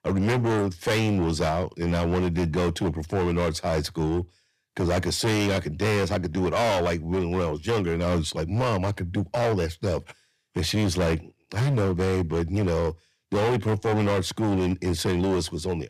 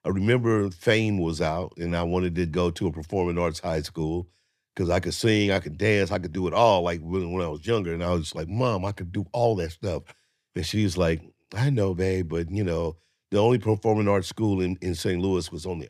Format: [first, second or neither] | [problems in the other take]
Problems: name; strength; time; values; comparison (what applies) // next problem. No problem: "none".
second | distortion; heavy; 20% of the sound clipped